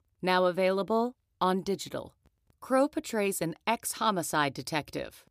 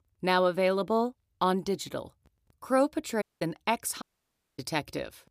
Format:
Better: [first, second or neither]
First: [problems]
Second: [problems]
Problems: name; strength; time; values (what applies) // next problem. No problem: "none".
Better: first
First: none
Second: audio cutting out; at 3 s and at 4 s for 0.5 s